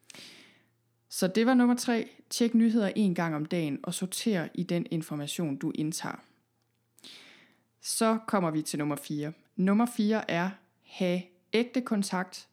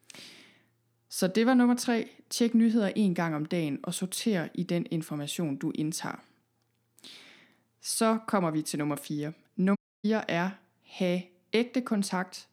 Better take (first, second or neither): first